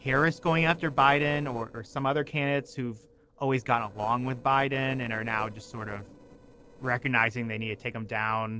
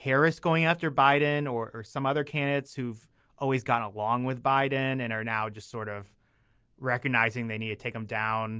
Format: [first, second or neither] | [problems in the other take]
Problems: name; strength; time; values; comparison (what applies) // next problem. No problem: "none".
second | noise reduction (neural separator model SepFormer DNS4)